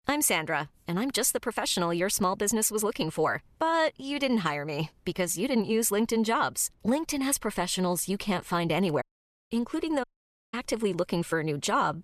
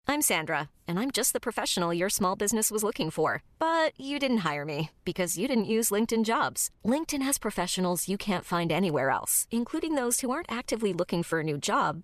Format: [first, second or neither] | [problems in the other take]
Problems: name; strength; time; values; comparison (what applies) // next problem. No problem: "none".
second | audio cutting out; at 9 s and at 10 s